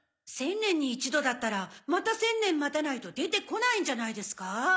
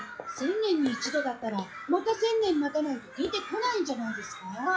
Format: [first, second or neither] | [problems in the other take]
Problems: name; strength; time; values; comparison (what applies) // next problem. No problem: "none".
first | noise reduction (classical method WPE with log-MMSE)